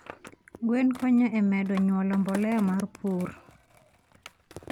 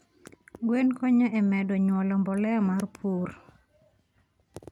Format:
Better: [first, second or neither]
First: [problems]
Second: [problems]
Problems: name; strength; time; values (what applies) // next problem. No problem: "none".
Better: second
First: background sound (Skateboard); 19 dB below the speech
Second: none